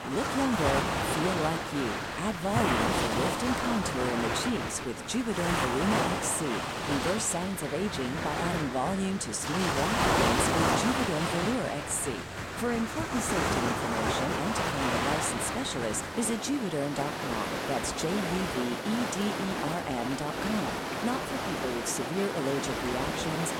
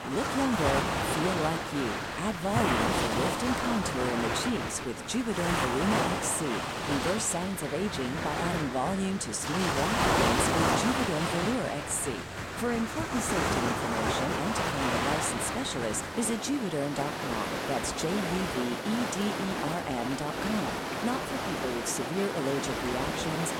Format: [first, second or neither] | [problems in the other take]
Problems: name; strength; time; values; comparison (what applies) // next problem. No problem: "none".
neither | rain or running water; very loud; throughout; 2 dB above the speech; the same in both